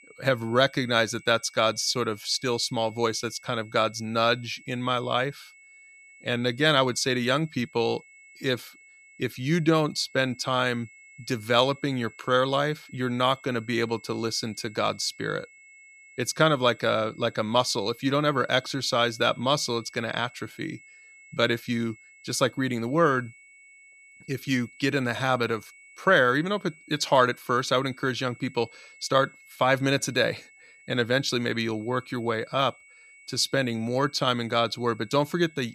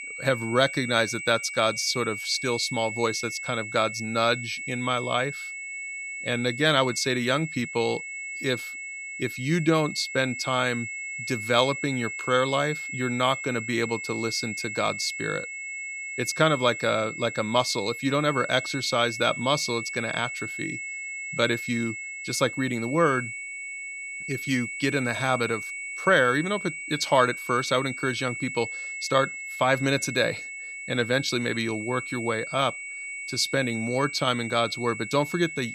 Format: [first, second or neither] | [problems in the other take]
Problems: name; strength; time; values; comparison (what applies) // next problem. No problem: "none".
first | high-pitched whine; loud; throughout; 2 kHz, 7 dB below the speech; faint in the first